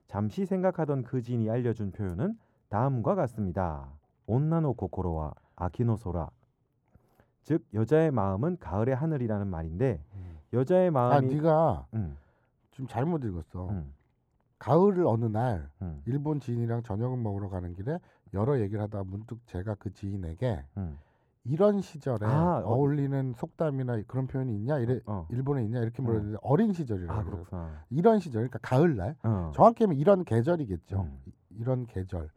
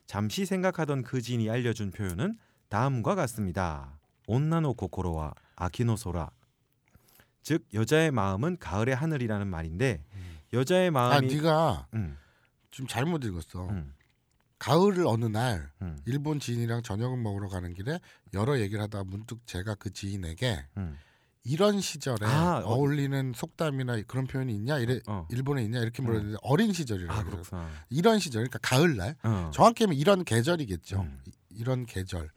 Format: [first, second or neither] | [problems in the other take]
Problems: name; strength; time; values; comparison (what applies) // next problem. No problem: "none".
second | muffled; very; fading above 1.5 kHz